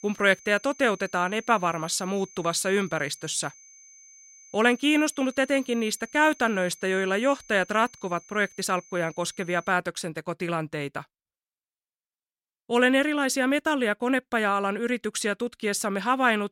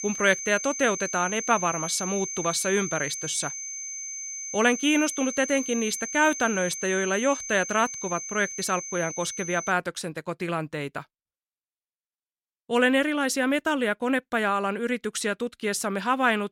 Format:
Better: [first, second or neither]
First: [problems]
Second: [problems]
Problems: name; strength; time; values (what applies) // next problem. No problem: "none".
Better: first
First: high-pitched whine; faint; until 9.5 s; 6.5 kHz, 25 dB below the speech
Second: high-pitched whine; loud; until 9.5 s; 6.5 kHz, 6 dB below the speech